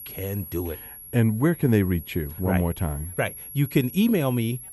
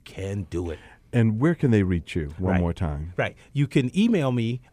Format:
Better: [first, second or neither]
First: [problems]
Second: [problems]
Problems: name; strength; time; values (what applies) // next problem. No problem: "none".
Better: second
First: high-pitched whine; noticeable; throughout; 11.5 kHz, 15 dB below the speech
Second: none